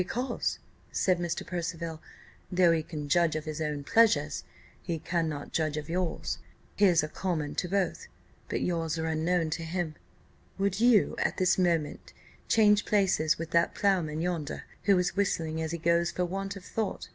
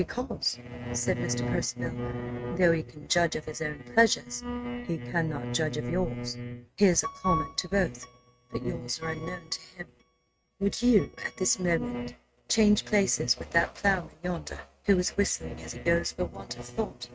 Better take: first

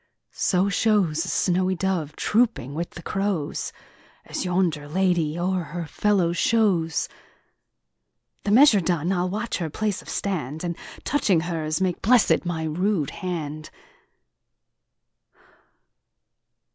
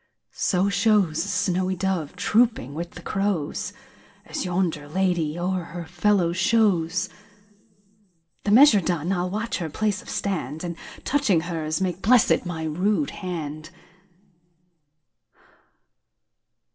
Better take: first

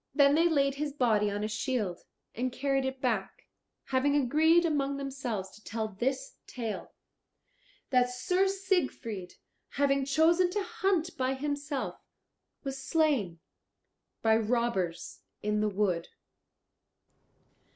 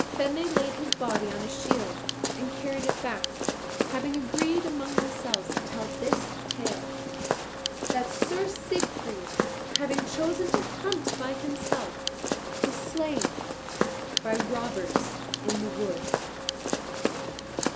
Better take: first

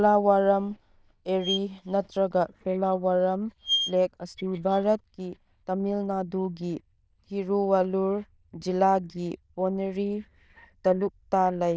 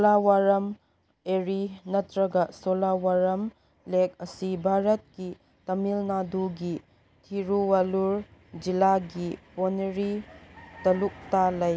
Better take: second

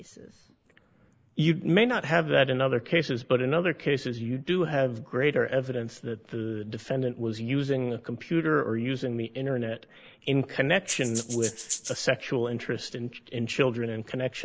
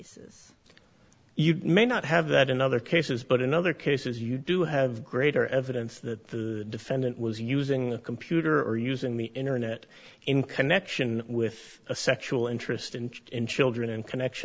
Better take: second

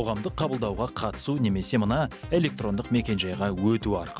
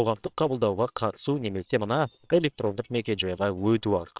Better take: first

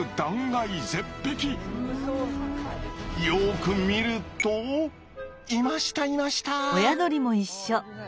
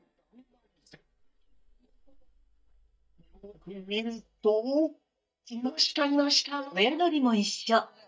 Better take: first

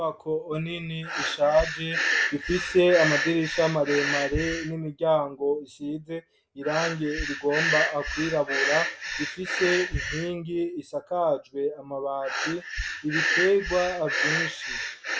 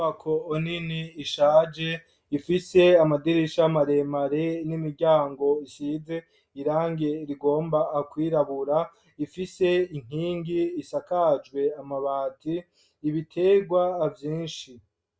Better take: second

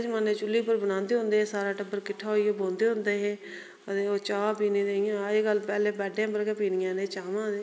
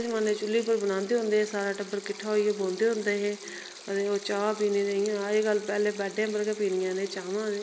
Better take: first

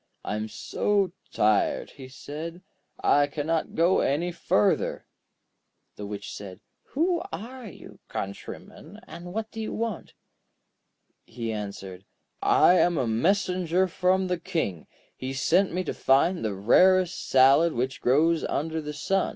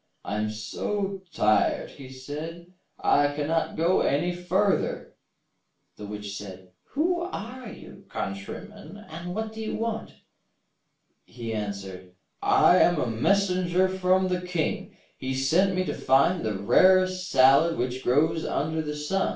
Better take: first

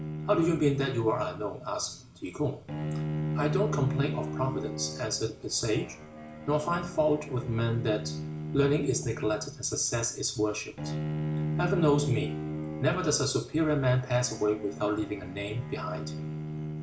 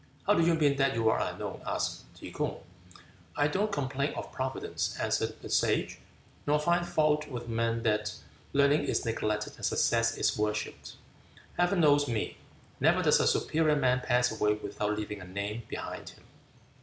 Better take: second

